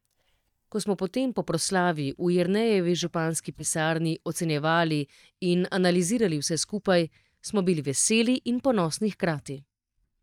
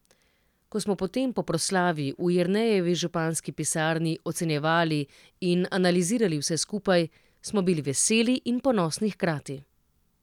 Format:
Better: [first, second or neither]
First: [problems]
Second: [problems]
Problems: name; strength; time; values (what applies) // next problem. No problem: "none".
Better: second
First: noise reduction (neural mask model DeepFilterNet 3)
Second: none